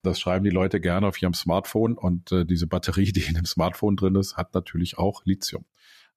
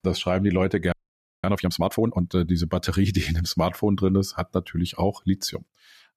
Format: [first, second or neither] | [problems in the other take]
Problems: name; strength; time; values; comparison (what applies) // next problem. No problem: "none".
first | audio freezing; at 1 s for 0.5 s